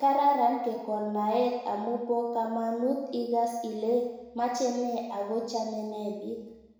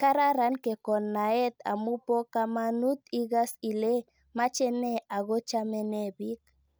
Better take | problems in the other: second | room echo; dies away in 1 s

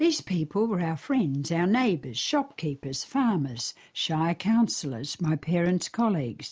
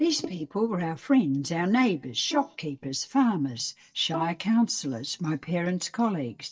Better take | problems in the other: first | noise reduction (neural mask model DeepFilterNet 3)

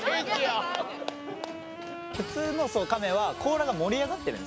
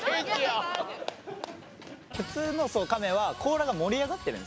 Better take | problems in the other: second | background sound (Wind instrument, woodwind instrument); 12 dB below the speech

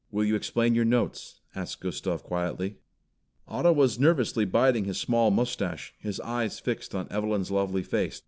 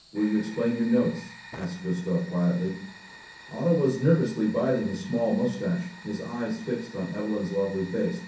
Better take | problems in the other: first | background sound (Fire); 19 dB below the speech // room echo; dies away in 0.6 s

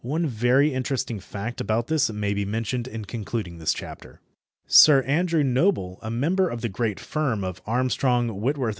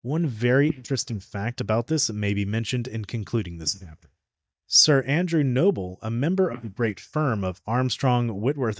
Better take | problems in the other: first | noise reduction (neural mask model DeepFilterNet 3)

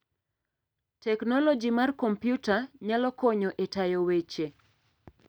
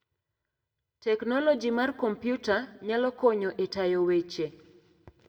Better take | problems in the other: first | room echo; dies away in 0.8 s

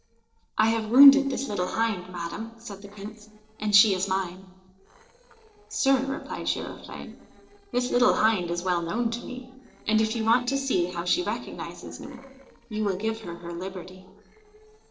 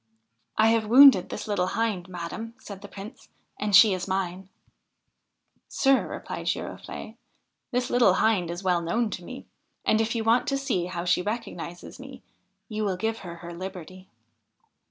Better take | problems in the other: second | noise reduction (neural separator model SepFormer DNS4)

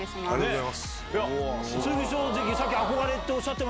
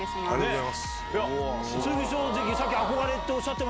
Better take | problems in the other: first | background sound (Wind instrument, woodwind instrument); 9 dB below the speech

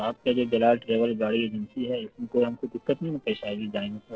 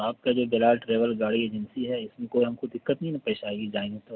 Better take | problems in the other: second | noise reduction (neural separator model SepFormer DNS4)

